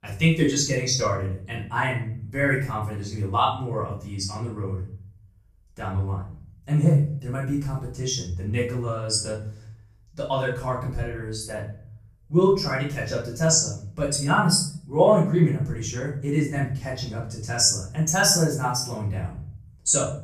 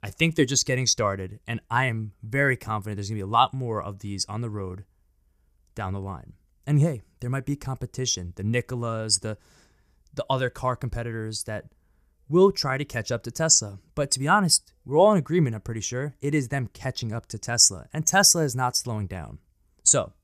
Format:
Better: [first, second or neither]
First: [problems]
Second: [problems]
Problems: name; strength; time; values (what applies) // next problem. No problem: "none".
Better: second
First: off-mic speech; far // room echo; noticeable; dies away in 0.5 s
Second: none